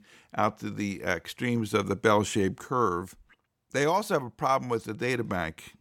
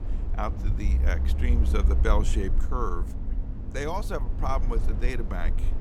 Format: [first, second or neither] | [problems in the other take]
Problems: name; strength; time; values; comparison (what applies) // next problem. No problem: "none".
first | low rumble; noticeable; throughout; 10 dB below the speech